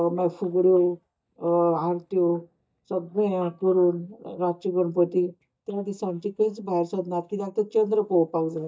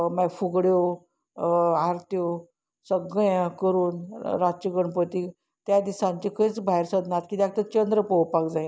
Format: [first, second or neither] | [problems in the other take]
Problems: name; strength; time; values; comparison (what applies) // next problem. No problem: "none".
second | noise reduction (neural mask model DeepFilterNet 3)